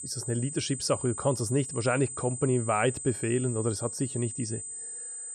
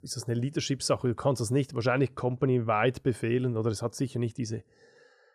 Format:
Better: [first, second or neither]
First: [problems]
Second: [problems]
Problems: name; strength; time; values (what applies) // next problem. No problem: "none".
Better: second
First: high-pitched whine; loud; throughout; 8 kHz, 7 dB below the speech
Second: none